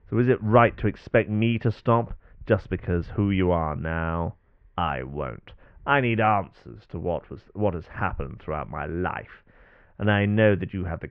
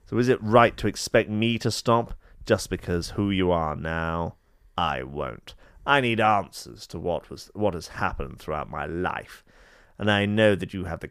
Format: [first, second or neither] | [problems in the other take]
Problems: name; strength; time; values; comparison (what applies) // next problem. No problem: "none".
second | muffled; very; fading above 2.5 kHz